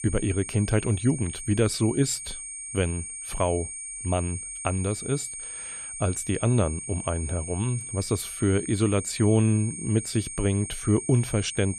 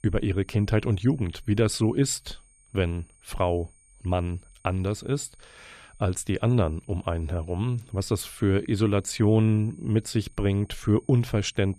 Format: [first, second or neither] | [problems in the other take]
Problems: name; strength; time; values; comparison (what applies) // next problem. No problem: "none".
second | high-pitched whine; loud; throughout; 8.5 kHz, 8 dB below the speech; faint in the second